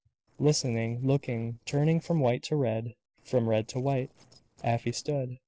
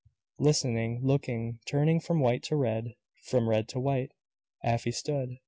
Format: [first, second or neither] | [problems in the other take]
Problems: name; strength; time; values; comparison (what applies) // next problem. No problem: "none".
second | noise reduction (neural separator model SepFormer DNS4)